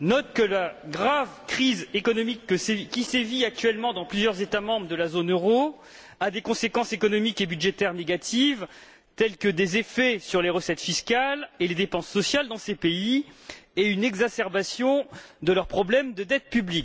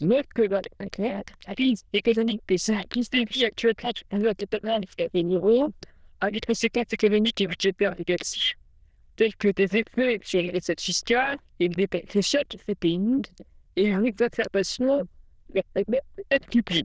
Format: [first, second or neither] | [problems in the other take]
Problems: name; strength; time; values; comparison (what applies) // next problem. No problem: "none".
first | noise reduction (neural diffusion model UNIVERSE++)